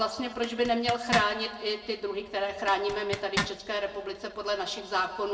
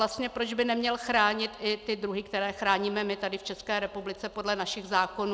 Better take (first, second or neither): second